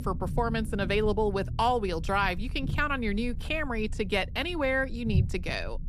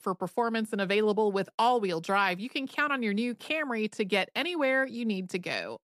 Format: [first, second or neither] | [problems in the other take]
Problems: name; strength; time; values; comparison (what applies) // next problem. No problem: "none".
second | low rumble; noticeable; throughout; 20 dB below the speech